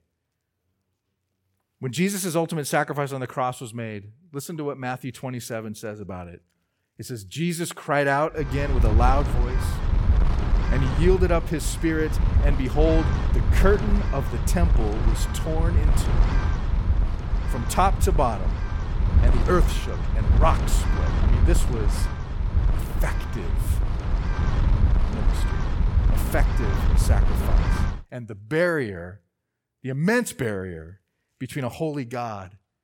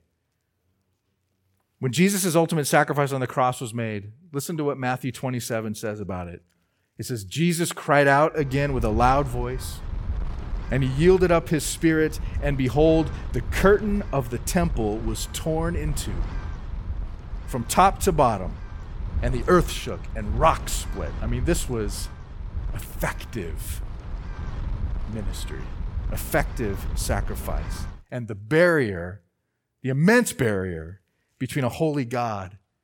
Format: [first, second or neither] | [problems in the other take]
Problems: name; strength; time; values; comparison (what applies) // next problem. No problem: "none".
second | wind noise on the microphone; heavy; from 8.5 to 28 s; 7 dB below the speech; occasional gusts in the second